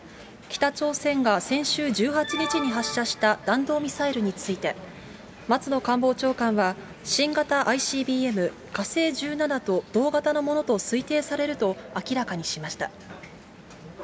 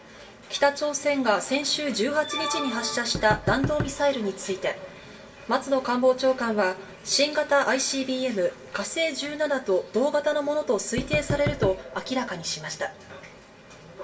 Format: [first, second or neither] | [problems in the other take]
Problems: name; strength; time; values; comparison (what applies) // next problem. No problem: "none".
first | background sound (Knock); 7 dB below the speech // room echo; dies away in 0.2 s